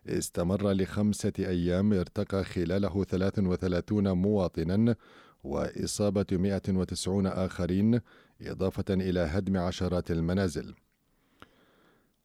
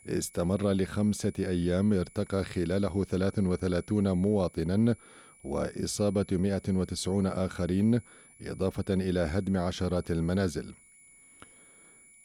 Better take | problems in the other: first | high-pitched whine; faint; throughout; 10.5 kHz, 25 dB below the speech

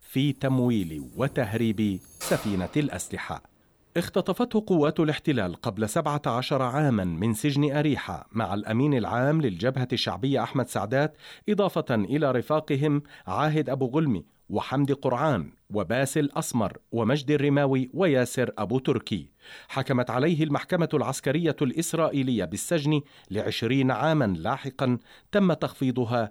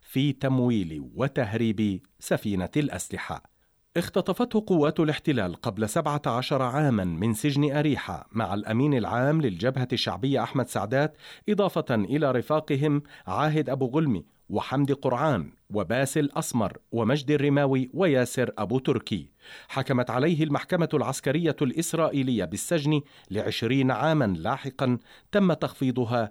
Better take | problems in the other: second | jangling keys; noticeable; from 1 to 3 s; peak 9 dB below the speech

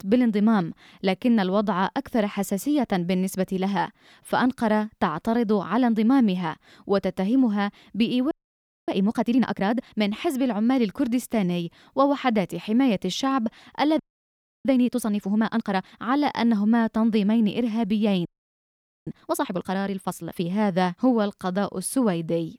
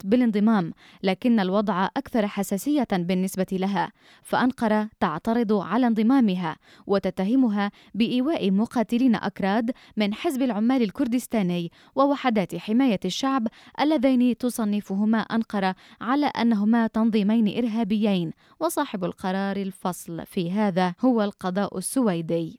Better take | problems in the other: second | audio freezing; at 8.5 s for 0.5 s, at 14 s for 0.5 s and at 18 s for 1 s

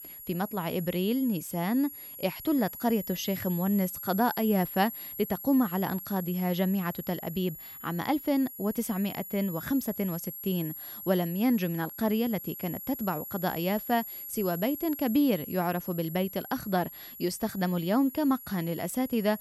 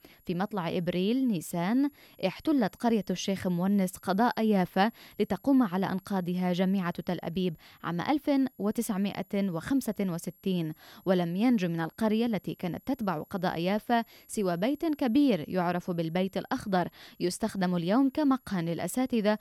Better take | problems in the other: second | high-pitched whine; loud; throughout; 11.5 kHz, 10 dB below the speech; faint in the second

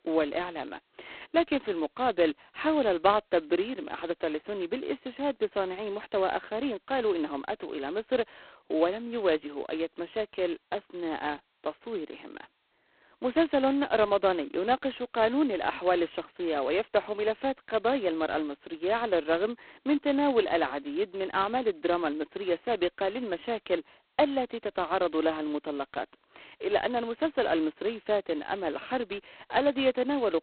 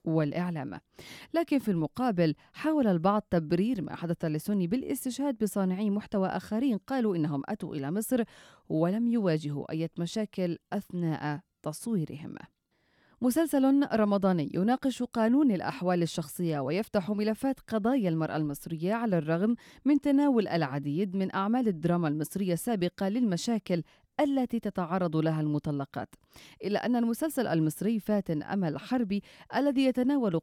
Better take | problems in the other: second | phone-call audio; poor line; nothing above 4 kHz

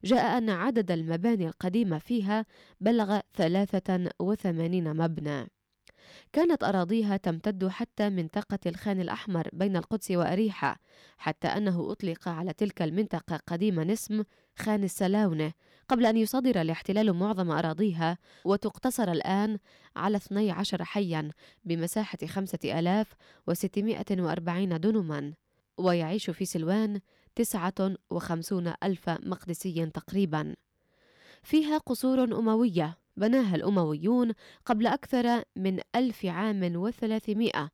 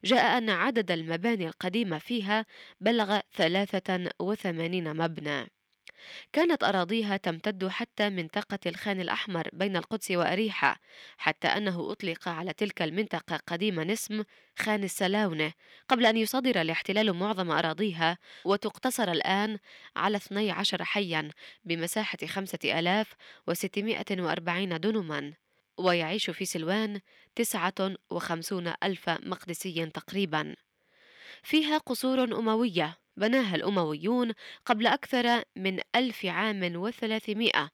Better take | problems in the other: first | thin; very slightly; fading below 600 Hz

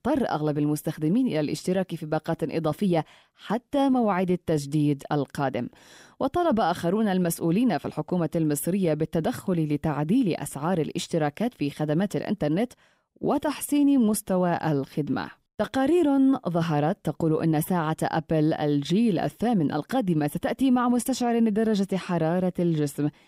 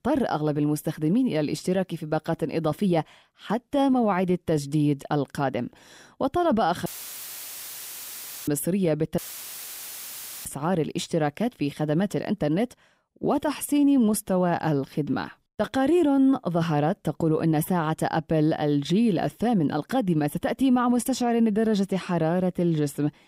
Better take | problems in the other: first | audio cutting out; filled with static; at 7 s for 1.5 s and at 9 s for 1.5 s

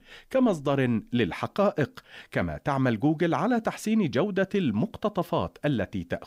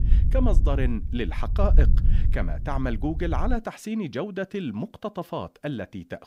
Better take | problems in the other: first | wind noise on the microphone; occasional gusts; until 3.5 s; 15 dB below the speech

